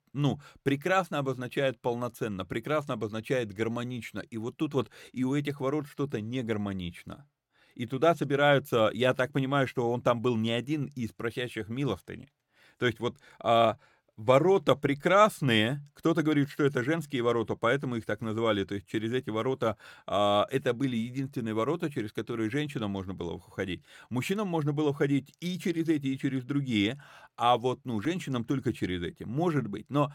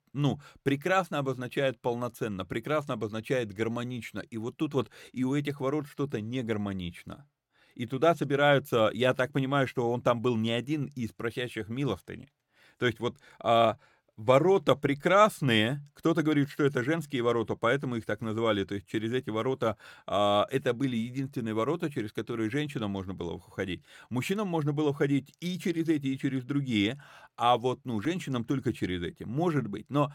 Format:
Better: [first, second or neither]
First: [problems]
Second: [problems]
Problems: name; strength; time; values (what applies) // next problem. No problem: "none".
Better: neither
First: none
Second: none